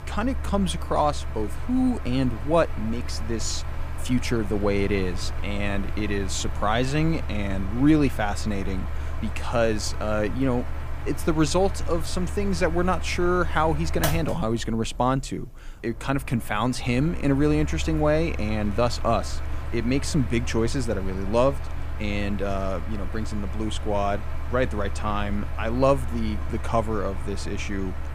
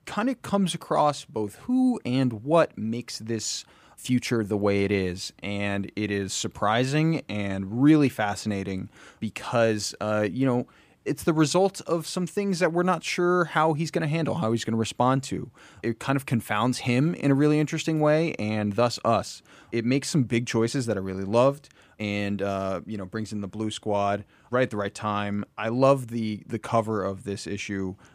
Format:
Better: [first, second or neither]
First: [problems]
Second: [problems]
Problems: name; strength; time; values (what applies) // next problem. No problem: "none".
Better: second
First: machinery noise; loud; throughout; 8 dB below the speech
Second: none